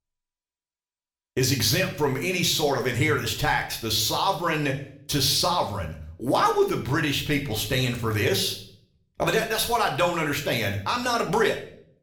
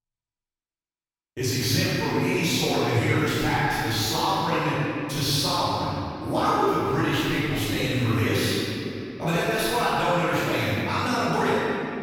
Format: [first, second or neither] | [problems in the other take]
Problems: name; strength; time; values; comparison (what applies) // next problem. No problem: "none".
first | room echo; strong; dies away in 3 s; slight in the first // off-mic speech; far; somewhat distant in the first